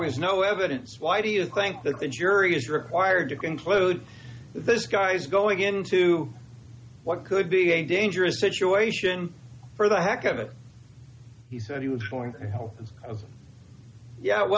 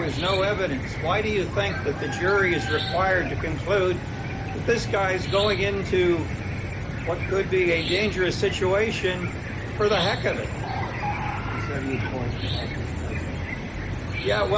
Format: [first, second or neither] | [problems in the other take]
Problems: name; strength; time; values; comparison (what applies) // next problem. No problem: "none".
first | background sound (Cricket / Chicken, rooster); 3 dB below the speech